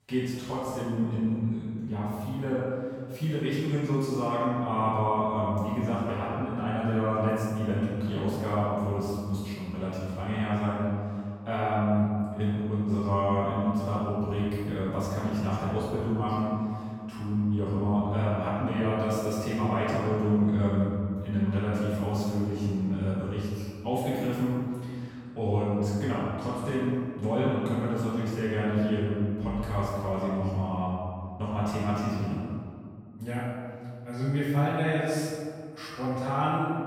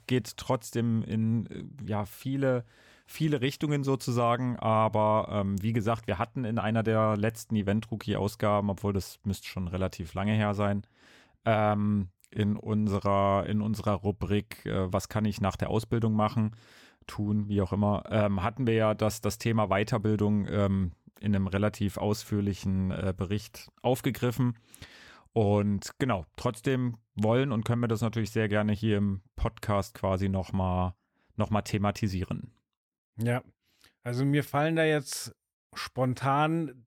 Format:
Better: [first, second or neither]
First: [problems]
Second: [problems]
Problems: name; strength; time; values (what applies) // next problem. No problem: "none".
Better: second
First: off-mic speech; far // room echo; strong; dies away in 1.9 s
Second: none